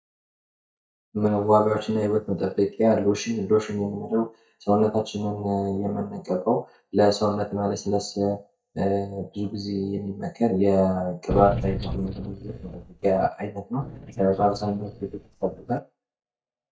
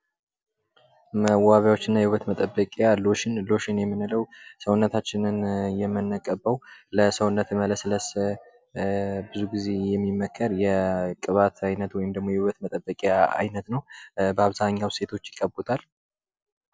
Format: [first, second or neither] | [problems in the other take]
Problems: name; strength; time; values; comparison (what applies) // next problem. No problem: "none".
second | noise reduction (neural mask model DeepFilterNet 3)